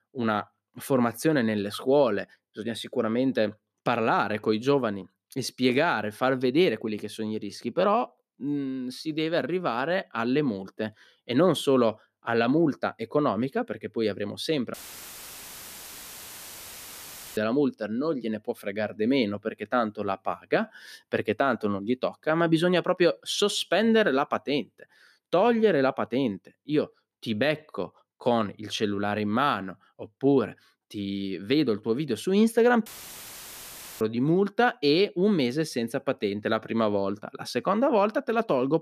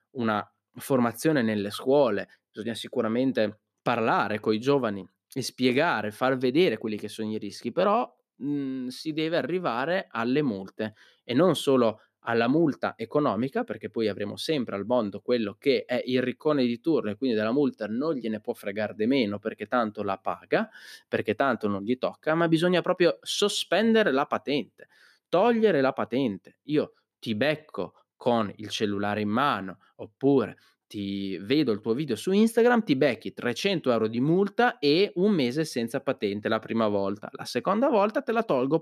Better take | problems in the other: second | audio cutting out; filled with static; at 15 s for 2.5 s and at 33 s for 1 s

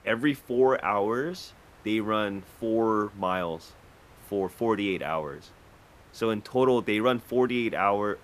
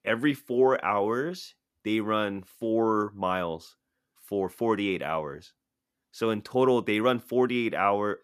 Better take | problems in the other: second | hiss; faint; throughout; 25 dB below the speech

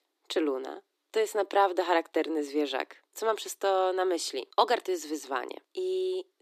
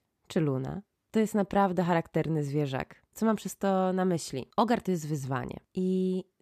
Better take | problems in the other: second | thin; very; fading below 300 Hz

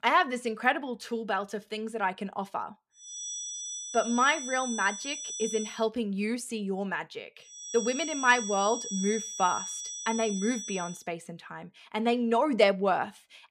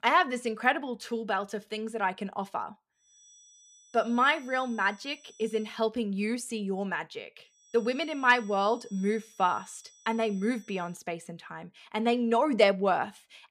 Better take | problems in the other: second | high-pitched whine; loud; from 3 to 5.5 s and from 7.5 to 11 s; 6 kHz, 6 dB below the speech; faint in the second

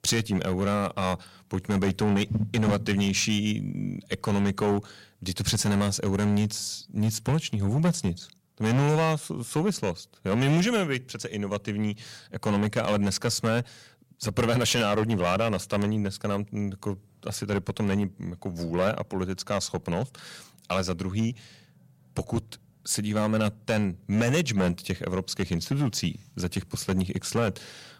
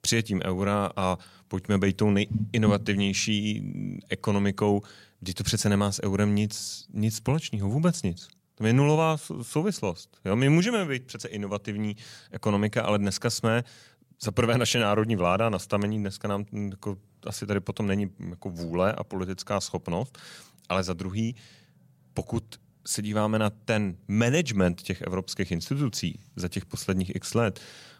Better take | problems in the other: second | distortion; slight; 6% of the sound clipped

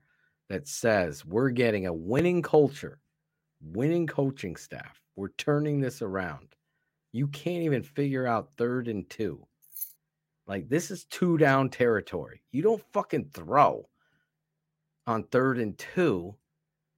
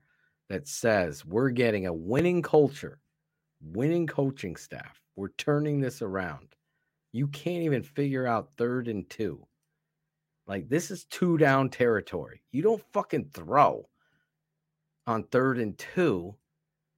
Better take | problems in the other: second | jangling keys; noticeable; at 10 s; peak 10 dB below the speech

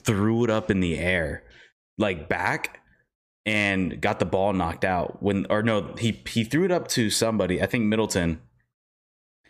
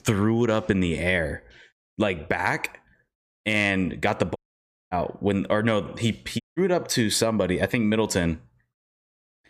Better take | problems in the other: first | audio cutting out; at 4.5 s for 0.5 s and at 6.5 s

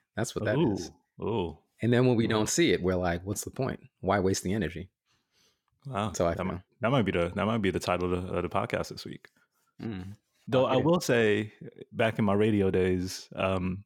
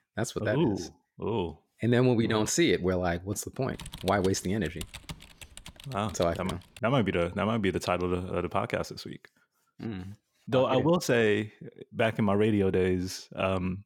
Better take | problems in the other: first | keyboard typing; faint; from 3.5 to 7 s; peak 10 dB below the speech

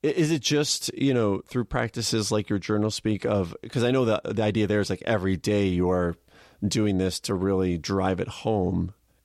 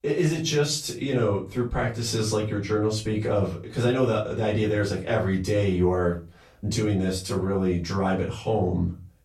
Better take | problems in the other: first | off-mic speech; far // room echo; slight; dies away in 0.3 s

